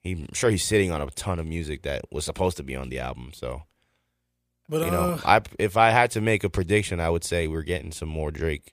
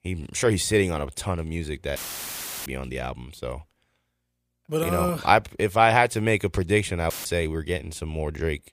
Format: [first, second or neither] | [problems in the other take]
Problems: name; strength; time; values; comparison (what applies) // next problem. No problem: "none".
first | audio cutting out; filled with static; at 2 s for 0.5 s and at 7 s